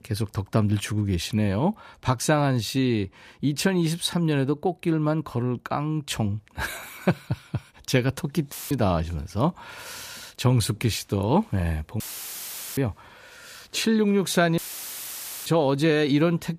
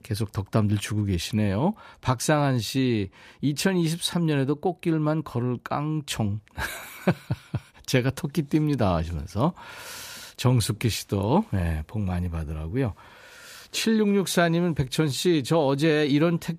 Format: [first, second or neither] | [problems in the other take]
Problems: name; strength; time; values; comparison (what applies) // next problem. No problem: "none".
second | audio cutting out; filled with static; at 8.5 s, at 12 s for 1 s and at 15 s for 1 s